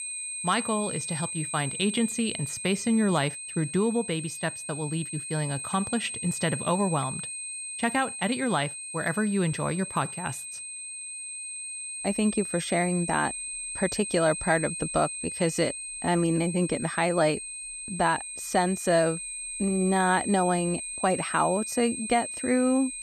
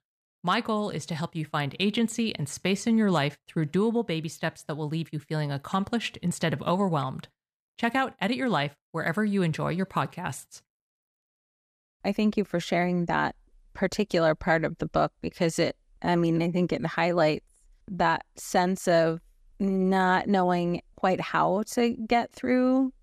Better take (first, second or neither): second